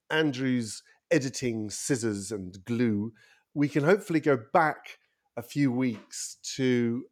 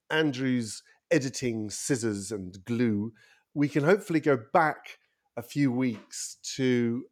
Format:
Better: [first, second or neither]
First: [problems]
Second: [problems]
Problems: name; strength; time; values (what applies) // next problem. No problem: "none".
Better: neither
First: none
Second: none